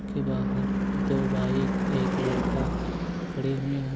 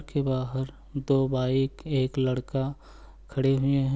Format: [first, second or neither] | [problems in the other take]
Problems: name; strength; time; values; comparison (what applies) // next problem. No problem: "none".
second | background sound (Car passing by / Engine / Truck); 4 dB above the speech